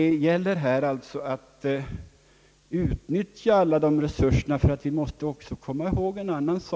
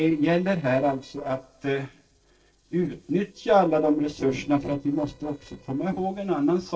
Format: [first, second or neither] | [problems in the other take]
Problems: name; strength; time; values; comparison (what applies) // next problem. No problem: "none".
first | noise reduction (neural separator model SepFormer DNS4)